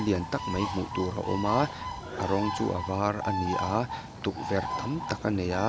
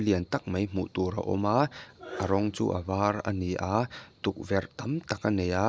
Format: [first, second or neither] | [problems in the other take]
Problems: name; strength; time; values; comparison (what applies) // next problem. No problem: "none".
second | background sound (Bird); 5 dB below the speech